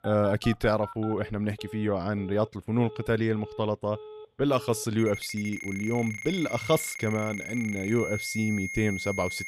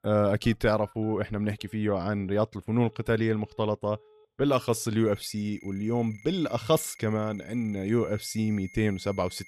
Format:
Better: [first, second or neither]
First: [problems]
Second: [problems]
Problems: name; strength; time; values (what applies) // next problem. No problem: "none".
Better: second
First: alarms or sirens; loud; throughout; 9 dB below the speech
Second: alarms or sirens; faint; throughout; 25 dB below the speech